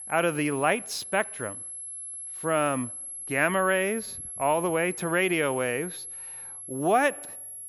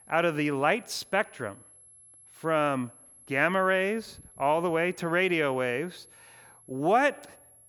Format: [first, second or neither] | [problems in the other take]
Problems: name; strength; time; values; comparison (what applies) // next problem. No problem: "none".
second | high-pitched whine; loud; throughout; 11 kHz, 9 dB below the speech; faint in the second